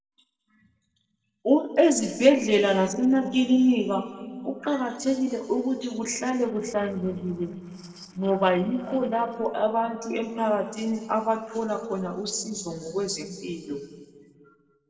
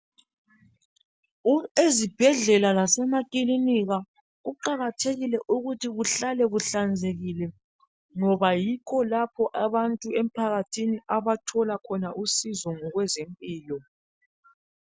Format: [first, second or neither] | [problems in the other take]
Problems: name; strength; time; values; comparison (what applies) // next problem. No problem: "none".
second | noise reduction (neural separator model SepFormer DNS4)